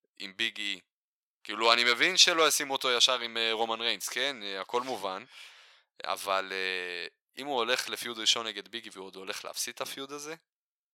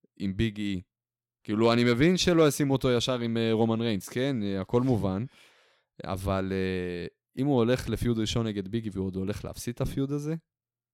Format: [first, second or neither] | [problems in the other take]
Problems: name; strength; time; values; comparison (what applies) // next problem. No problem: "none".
second | thin; very; fading below 900 Hz